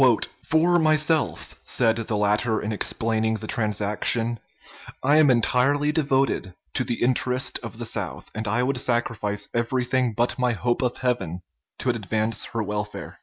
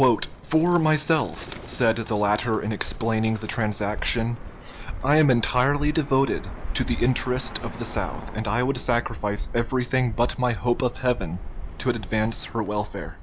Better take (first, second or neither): first